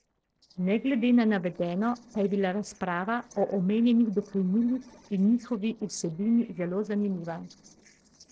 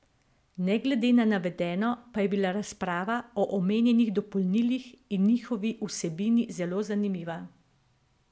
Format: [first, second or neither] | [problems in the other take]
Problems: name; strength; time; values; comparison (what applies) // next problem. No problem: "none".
second | noise reduction (neural separator model SepFormer DNS4)